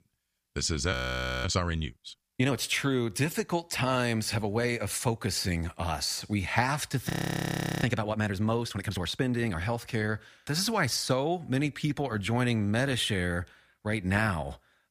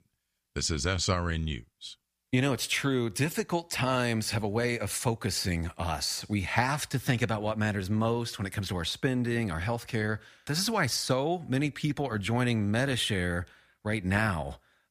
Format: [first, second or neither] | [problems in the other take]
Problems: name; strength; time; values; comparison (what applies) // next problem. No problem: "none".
second | audio freezing; at 1 s for 0.5 s and at 7 s for 0.5 s